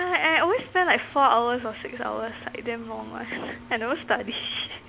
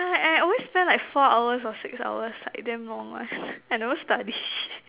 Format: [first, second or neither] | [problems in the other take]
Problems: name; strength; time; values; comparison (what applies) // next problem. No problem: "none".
second | background sound (Engine); 20 dB below the speech